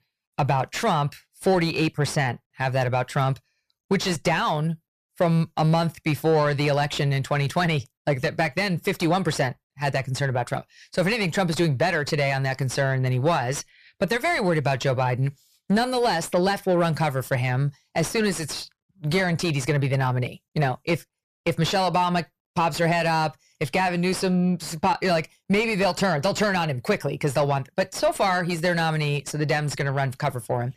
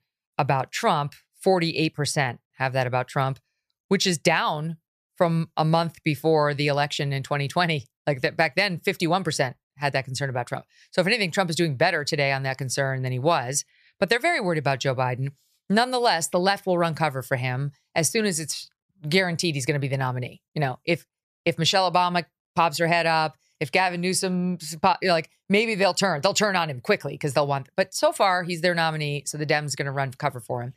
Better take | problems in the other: second | distortion; heavy; 7 dB below the speech

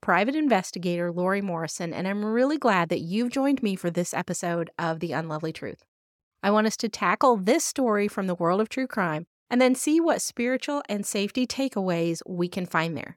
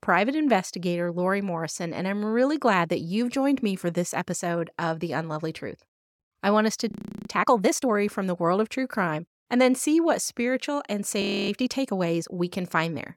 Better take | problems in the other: first | audio freezing; at 7 s and at 11 s

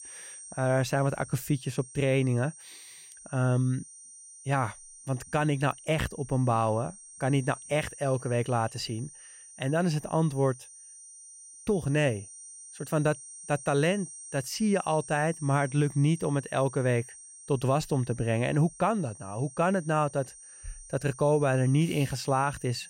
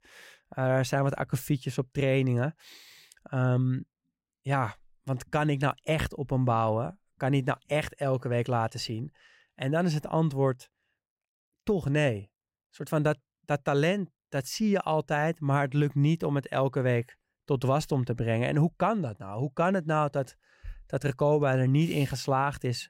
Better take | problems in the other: second | high-pitched whine; noticeable; throughout; 8.5 kHz, 15 dB below the speech

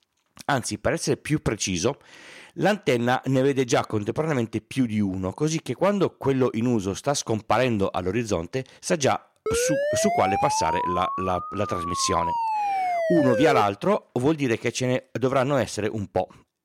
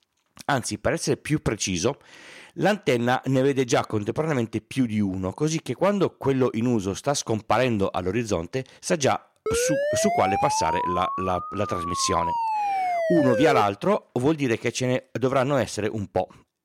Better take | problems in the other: neither | siren; loud; from 9.5 to 14 s; peak level with the speech; the same in both

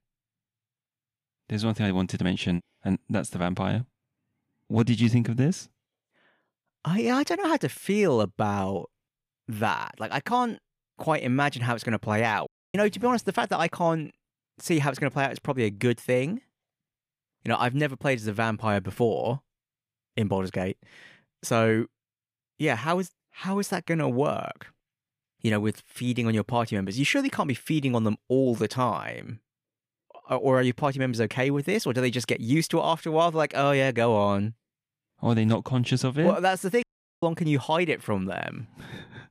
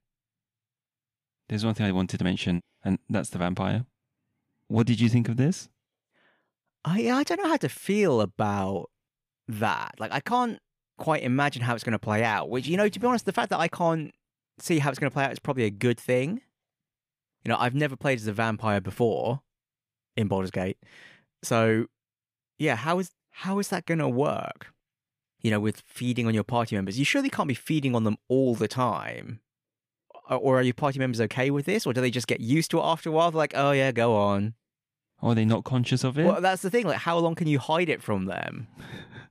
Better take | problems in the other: second | audio cutting out; at 12 s and at 37 s

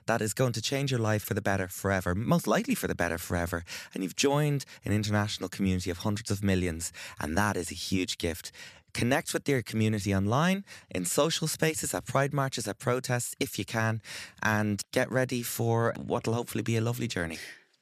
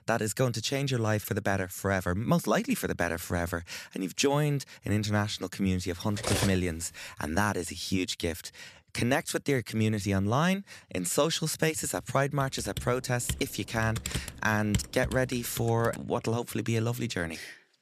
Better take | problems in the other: first | clattering dishes; noticeable; at 6 s; peak level with the speech // keyboard typing; noticeable; from 12 to 16 s; peak 5 dB below the speech

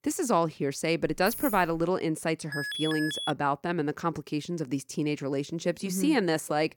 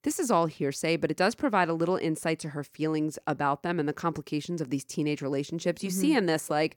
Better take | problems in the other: second | jangling keys; noticeable; at 1 s; peak 5 dB below the speech // alarm; noticeable; at 2.5 s; peak 3 dB below the speech

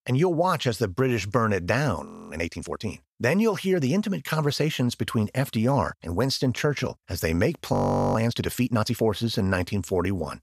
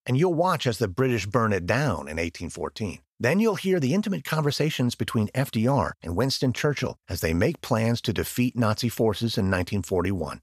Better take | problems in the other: second | audio freezing; at 2 s and at 7.5 s

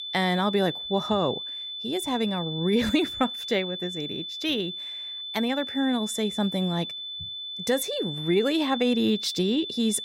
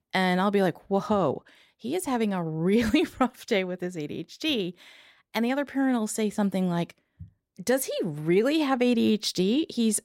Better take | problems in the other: second | high-pitched whine; loud; throughout; 3.5 kHz, 6 dB below the speech

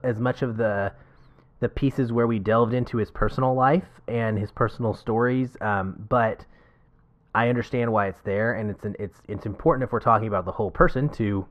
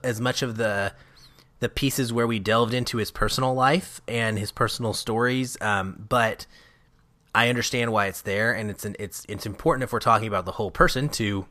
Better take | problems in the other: second | muffled; very; fading above 3 kHz

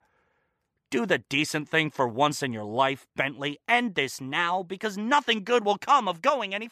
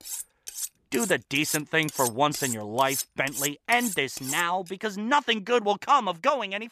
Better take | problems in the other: first | clattering dishes; noticeable; until 4.5 s; peak 5 dB below the speech

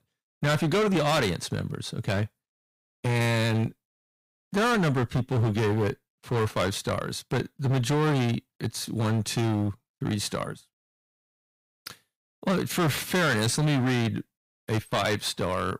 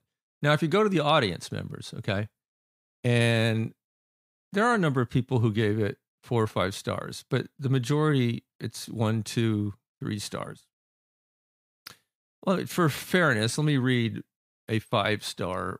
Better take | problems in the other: second | distortion; heavy; 14% of the sound clipped

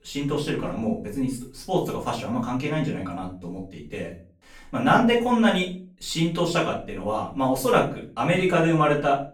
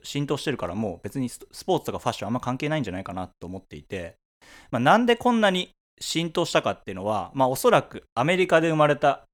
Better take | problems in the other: second | room echo; slight; dies away in 0.4 s // off-mic speech; far

